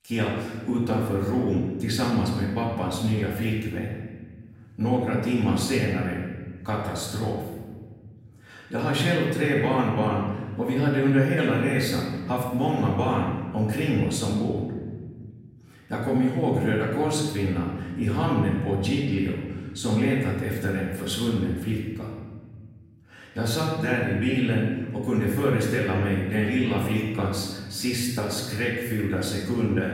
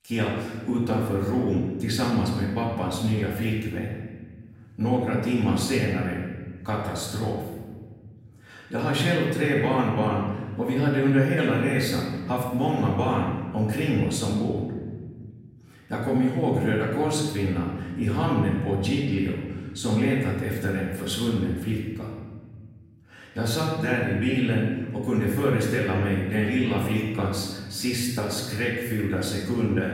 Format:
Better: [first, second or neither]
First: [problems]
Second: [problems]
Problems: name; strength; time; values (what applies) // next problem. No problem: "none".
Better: neither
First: off-mic speech; far // room echo; noticeable; dies away in 1.4 s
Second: off-mic speech; far // room echo; noticeable; dies away in 1.4 s